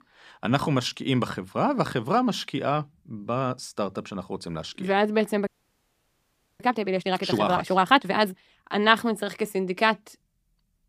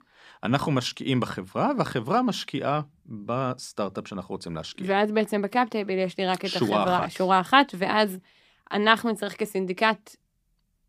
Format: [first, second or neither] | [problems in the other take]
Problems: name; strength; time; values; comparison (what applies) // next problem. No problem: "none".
second | audio freezing; at 5.5 s for 1 s